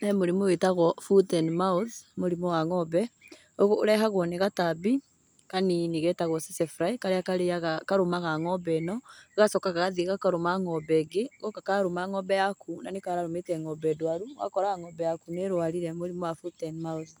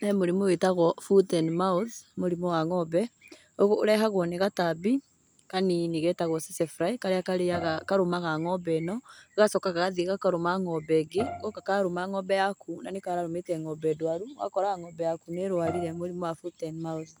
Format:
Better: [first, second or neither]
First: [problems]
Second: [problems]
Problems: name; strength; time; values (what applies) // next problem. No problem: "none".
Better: first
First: none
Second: background sound (Bowed string instrument); 12 dB below the speech